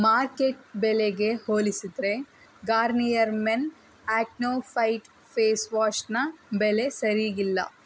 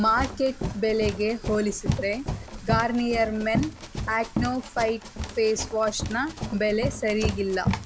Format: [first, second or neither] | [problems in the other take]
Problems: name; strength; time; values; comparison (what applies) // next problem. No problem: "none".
first | background sound (Run); 5 dB below the speech